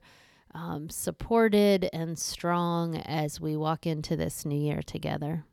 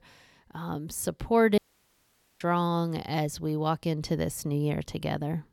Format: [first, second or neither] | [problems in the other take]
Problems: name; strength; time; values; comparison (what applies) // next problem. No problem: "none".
first | audio cutting out; at 1.5 s for 1 s